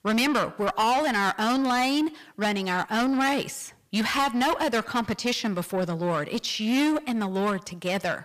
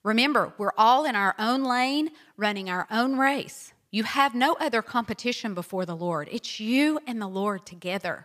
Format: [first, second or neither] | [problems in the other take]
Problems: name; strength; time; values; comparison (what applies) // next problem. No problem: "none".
second | distortion; heavy; 7 dB below the speech